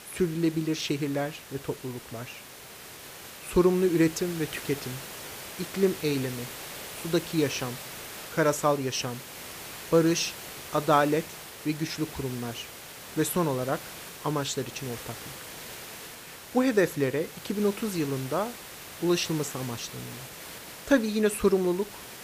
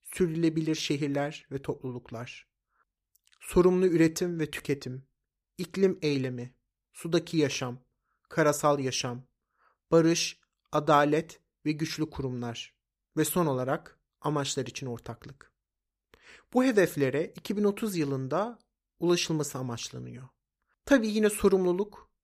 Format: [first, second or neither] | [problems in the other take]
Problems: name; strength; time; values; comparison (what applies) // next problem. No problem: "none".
second | hiss; noticeable; throughout; 10 dB below the speech